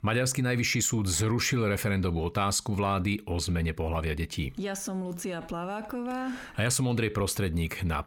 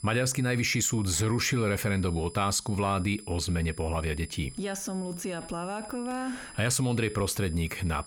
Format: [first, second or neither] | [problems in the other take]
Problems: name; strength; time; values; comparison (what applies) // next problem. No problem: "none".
first | high-pitched whine; noticeable; throughout; 10 kHz, 15 dB below the speech